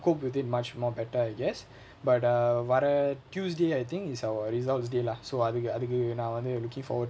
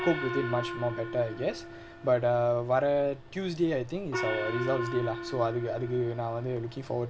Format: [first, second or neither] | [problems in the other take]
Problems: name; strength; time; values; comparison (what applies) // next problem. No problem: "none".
first | background sound (Gong); 8 dB below the speech